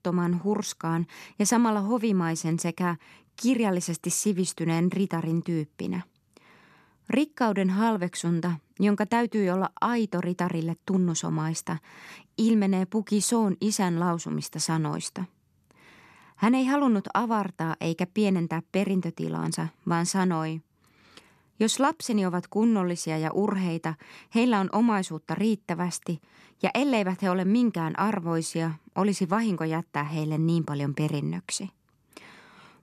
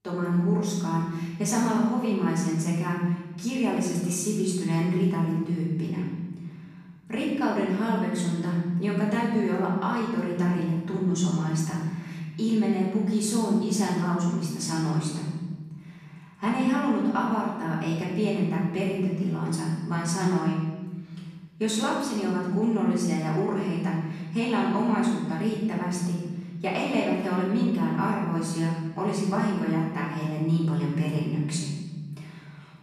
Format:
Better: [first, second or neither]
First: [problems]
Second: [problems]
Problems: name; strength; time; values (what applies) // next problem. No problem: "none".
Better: first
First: none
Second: off-mic speech; far // room echo; noticeable; dies away in 1.9 s